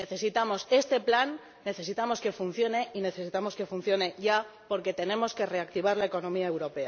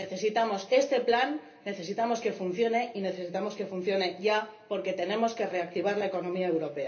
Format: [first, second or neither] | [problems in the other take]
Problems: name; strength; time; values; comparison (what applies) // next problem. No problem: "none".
first | room echo; dies away in 0.3 s